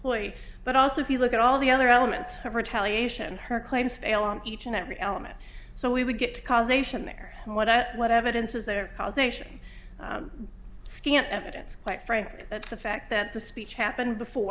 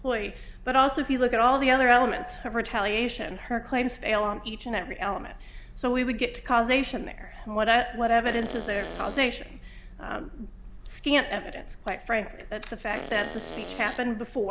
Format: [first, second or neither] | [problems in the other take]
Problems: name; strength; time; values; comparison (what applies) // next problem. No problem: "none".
first | background sound (Fart); 11 dB below the speech